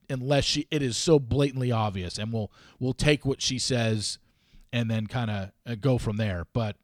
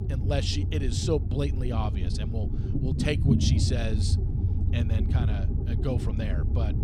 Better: first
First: none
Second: low rumble; loud; throughout; 5 dB below the speech

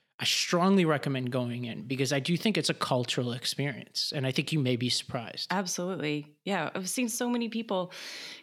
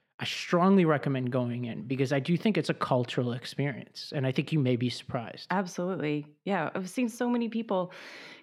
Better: first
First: none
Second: muffled; slightly; fading above 3 kHz

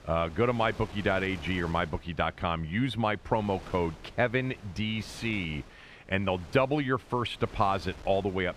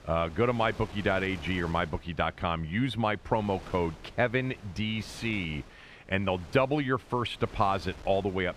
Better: neither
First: wind noise on the microphone; occasional gusts; 20 dB below the speech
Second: wind noise on the microphone; occasional gusts; 20 dB below the speech

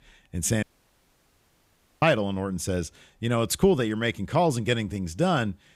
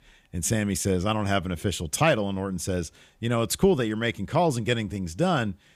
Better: second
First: audio cutting out; at 0.5 s for 1.5 s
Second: none

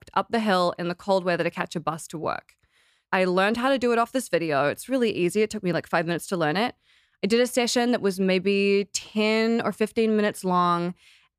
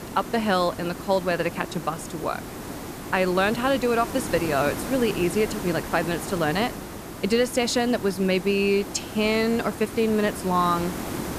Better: first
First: none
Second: hiss; loud; throughout; 10 dB below the speech

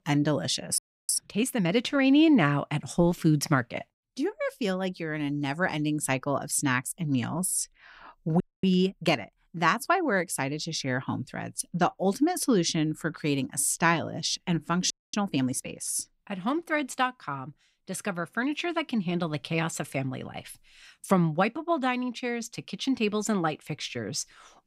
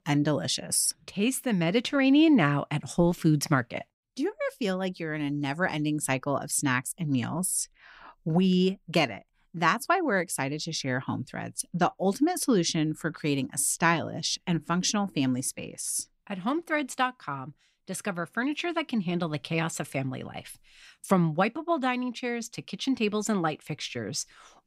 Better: second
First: audio freezing; at 1 s, at 8.5 s and at 15 s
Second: none

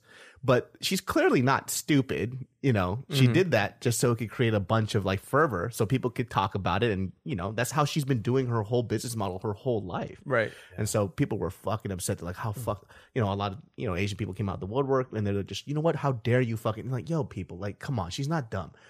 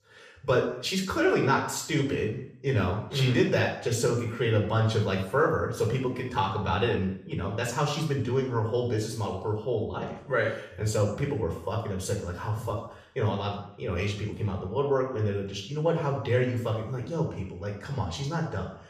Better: first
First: none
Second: room echo; noticeable; dies away in 0.6 s // off-mic speech; far

